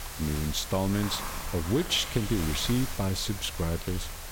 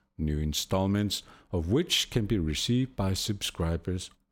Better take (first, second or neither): second